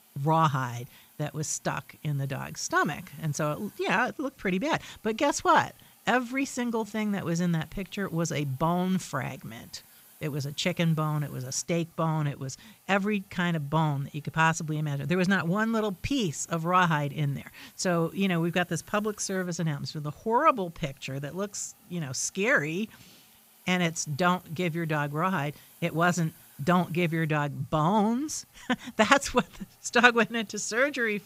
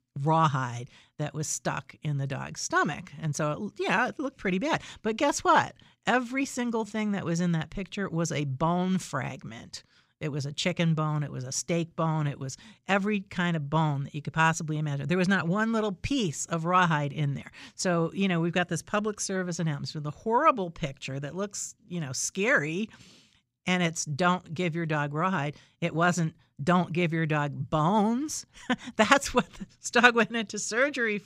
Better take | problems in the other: second | hiss; faint; throughout; 25 dB below the speech

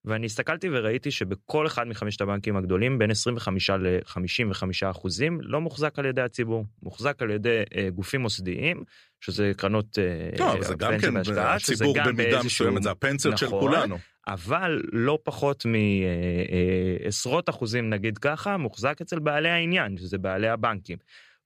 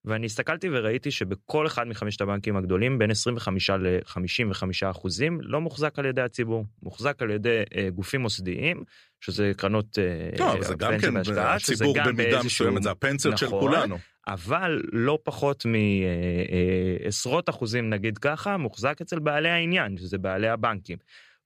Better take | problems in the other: neither | none

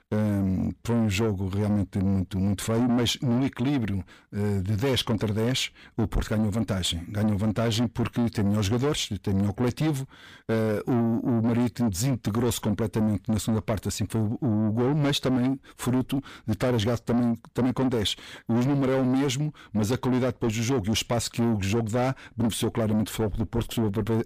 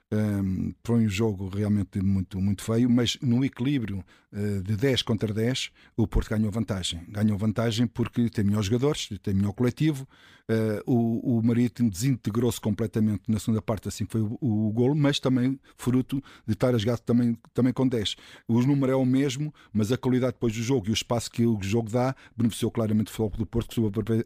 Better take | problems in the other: second | distortion; slight; 10 dB below the speech

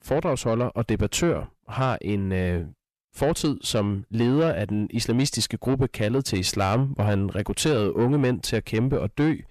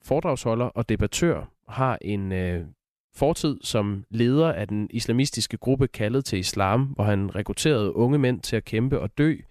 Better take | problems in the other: second | distortion; slight; 10 dB below the speech

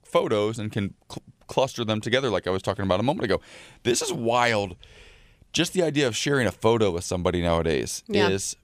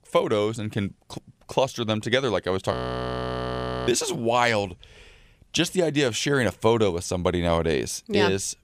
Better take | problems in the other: first | audio freezing; at 2.5 s for 1 s

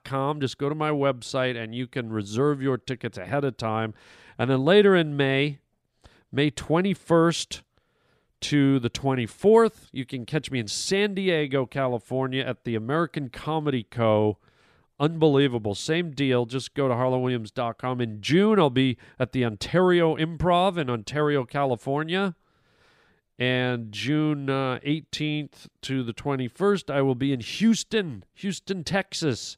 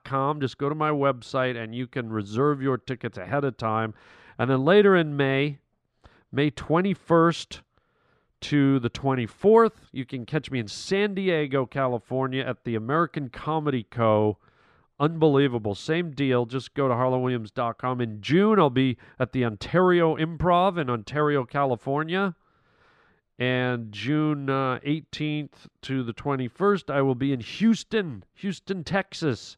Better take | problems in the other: first | muffled; very slightly; fading above 3 kHz

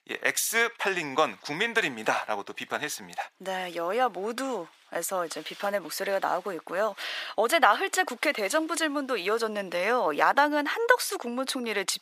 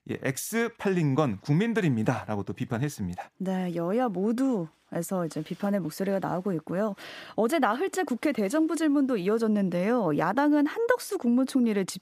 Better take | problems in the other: second | thin; very; fading below 650 Hz

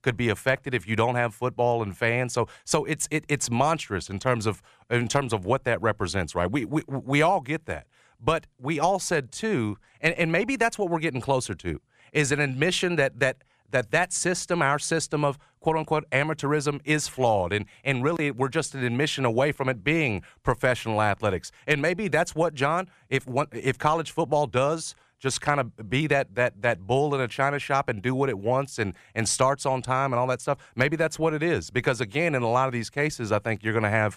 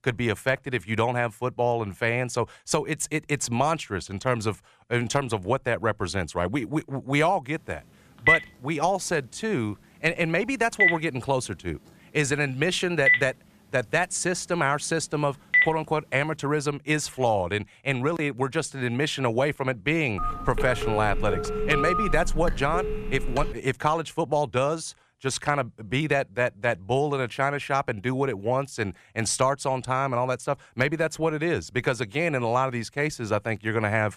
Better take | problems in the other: first | phone ringing; loud; from 8.5 to 16 s and from 20 to 24 s; peak 6 dB above the speech

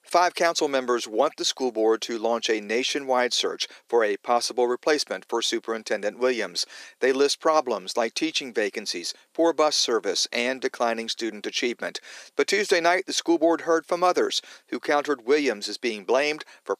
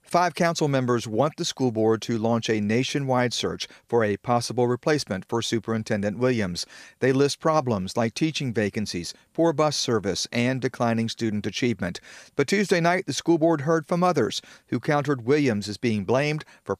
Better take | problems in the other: second | thin; somewhat; fading below 300 Hz

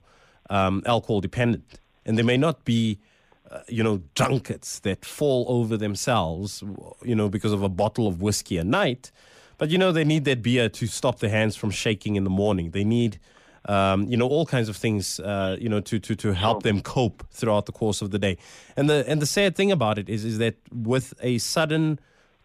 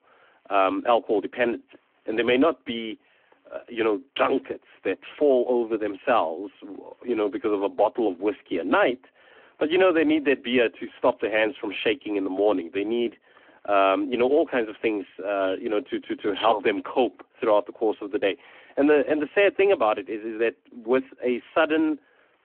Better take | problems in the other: first | phone-call audio

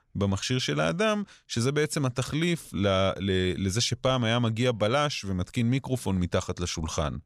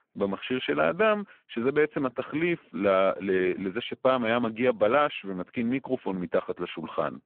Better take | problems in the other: first | phone-call audio; poor line

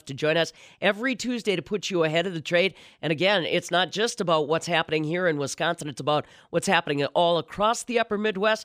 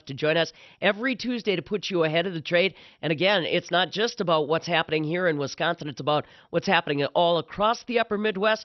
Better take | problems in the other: first | garbled, watery; slightly; nothing above 6 kHz

